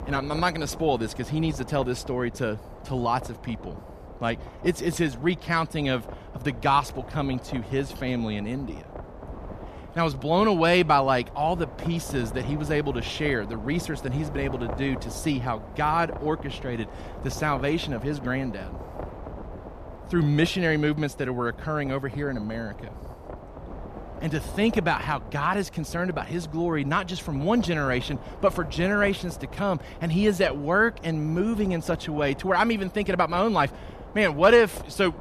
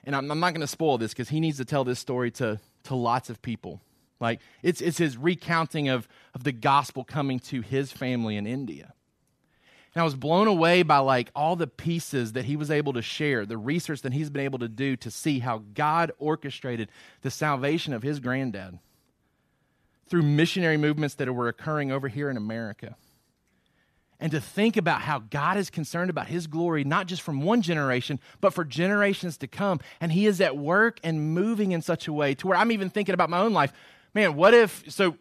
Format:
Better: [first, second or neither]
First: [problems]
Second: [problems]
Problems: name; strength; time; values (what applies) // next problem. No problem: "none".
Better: second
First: wind noise on the microphone; occasional gusts; 15 dB below the speech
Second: none